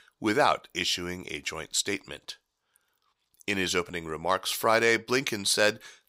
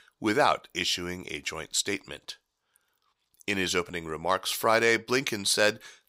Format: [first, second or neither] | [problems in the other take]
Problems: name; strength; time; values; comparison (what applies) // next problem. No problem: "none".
neither | thin; very slightly; fading below 450 Hz; the same in both